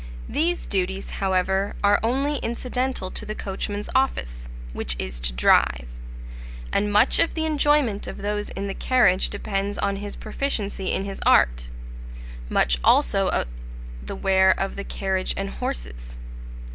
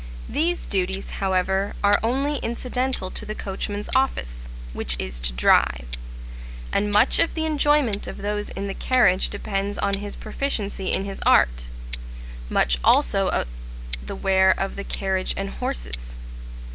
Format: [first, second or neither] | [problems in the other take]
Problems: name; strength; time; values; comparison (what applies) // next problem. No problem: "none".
first | background sound (Tick-tock); 20 dB below the speech